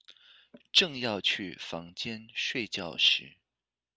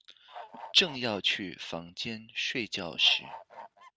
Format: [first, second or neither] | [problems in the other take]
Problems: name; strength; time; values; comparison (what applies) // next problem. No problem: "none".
first | background sound (Bird / Fowl); 15 dB below the speech